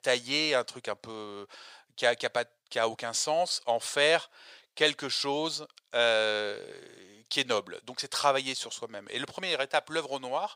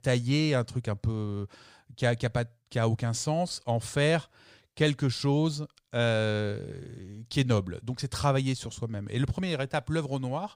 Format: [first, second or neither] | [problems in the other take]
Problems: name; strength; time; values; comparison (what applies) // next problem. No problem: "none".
second | thin; very; fading below 600 Hz